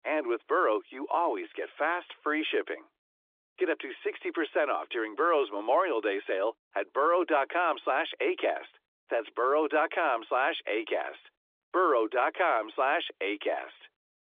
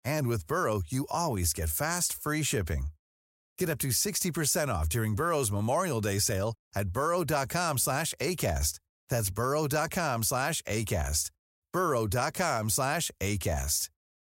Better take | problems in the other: second | phone-call audio; nothing above 3.5 kHz

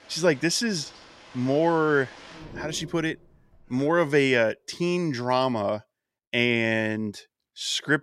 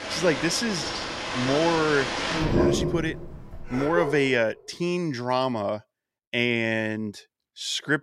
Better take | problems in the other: first | animal sounds; loud; until 4 s; 2 dB below the speech; faint in the first

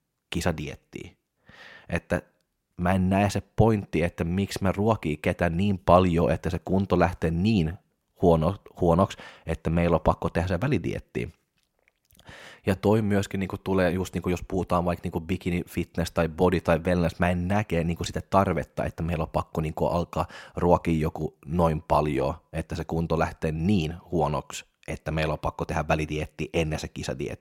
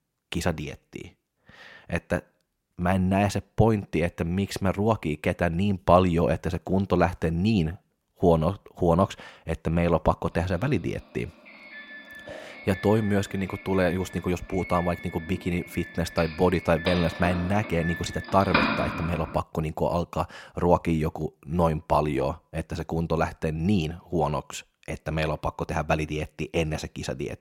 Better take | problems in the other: first | doorbell; loud; from 16 to 19 s; peak 3 dB above the speech

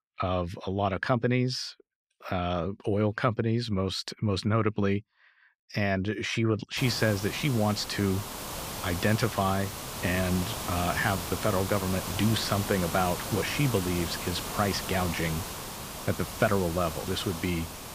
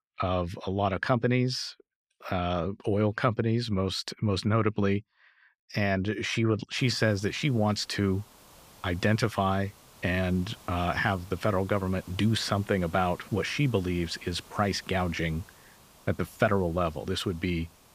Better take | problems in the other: second | hiss; loud; from 7 s on; 6 dB below the speech; faint in the second

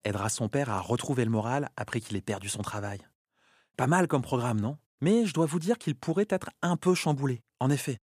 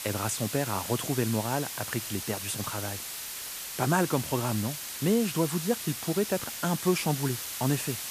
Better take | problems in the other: first | hiss; loud; throughout; 5 dB below the speech

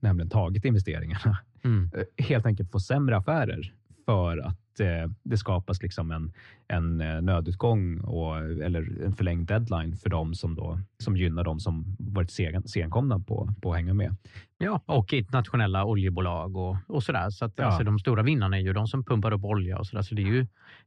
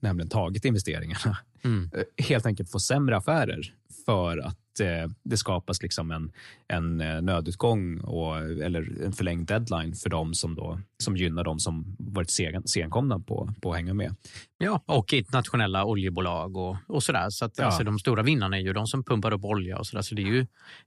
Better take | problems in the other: second | muffled; slightly; fading above 3 kHz

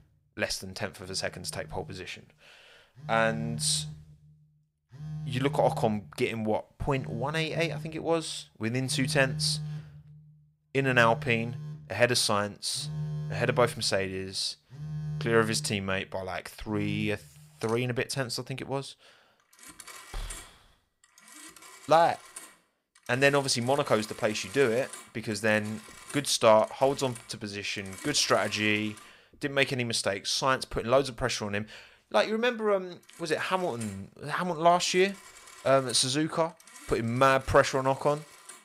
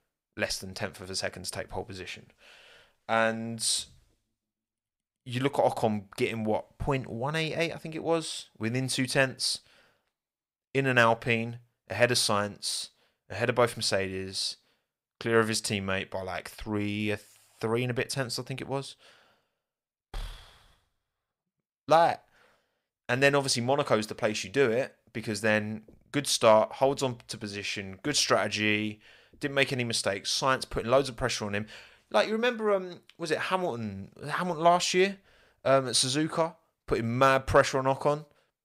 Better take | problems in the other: second | alarms or sirens; noticeable; throughout; 15 dB below the speech

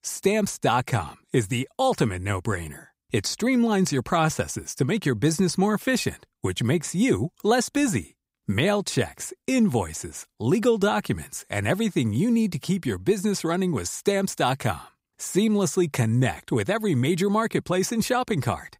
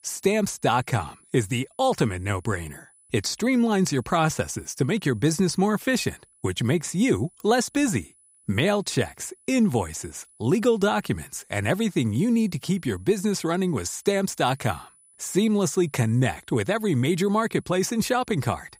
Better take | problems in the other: first | high-pitched whine; faint; throughout; 10 kHz, 30 dB below the speech

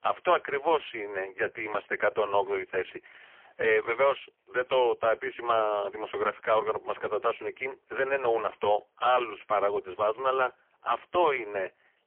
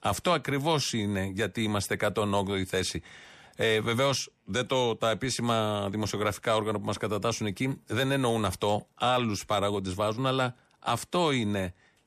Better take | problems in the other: second | phone-call audio; poor line; nothing above 3.5 kHz

